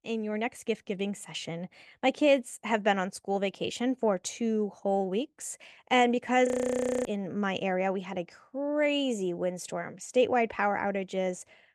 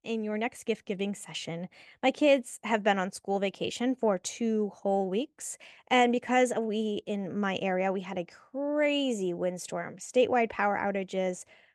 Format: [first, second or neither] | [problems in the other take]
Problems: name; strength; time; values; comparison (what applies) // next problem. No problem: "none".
second | audio freezing; at 6.5 s for 0.5 s